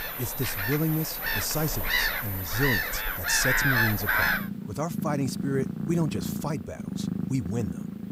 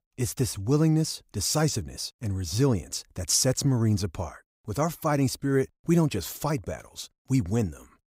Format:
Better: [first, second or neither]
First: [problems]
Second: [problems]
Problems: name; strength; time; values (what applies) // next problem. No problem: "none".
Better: second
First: animal sounds; very loud; throughout; 2 dB above the speech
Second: none